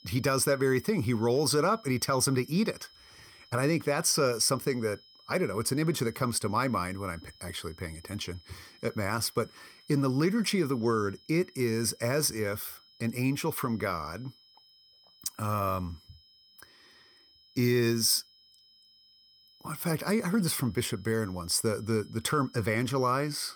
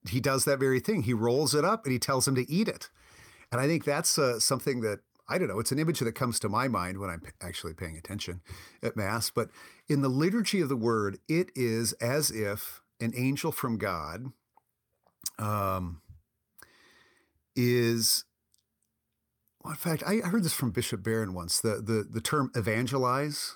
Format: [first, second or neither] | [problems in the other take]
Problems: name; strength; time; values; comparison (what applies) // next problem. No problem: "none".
second | high-pitched whine; faint; throughout; 5 kHz, 25 dB below the speech